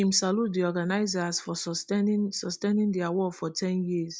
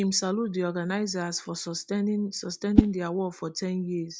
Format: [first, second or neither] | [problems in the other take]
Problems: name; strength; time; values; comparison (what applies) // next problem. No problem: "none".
first | background sound (Whoosh, swoosh, swish); as loud as the speech